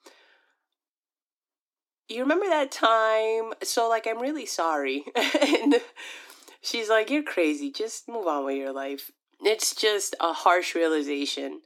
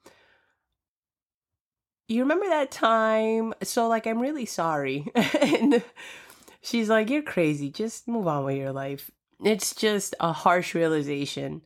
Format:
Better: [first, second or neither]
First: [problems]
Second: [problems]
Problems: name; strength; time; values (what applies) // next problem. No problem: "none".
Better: second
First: thin; very slightly; fading below 250 Hz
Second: none